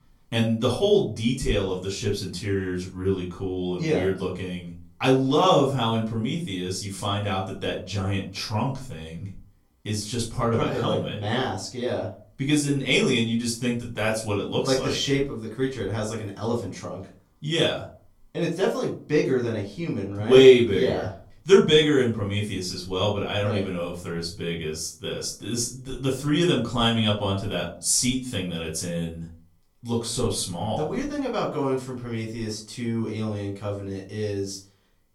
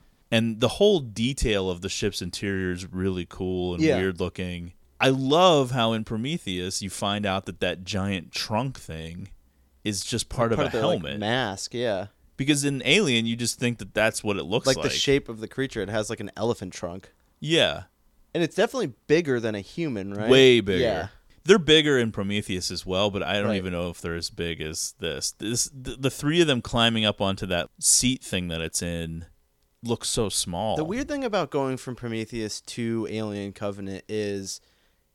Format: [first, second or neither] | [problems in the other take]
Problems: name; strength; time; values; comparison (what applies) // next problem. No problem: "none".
second | room echo; slight; dies away in 0.3 s // off-mic speech; far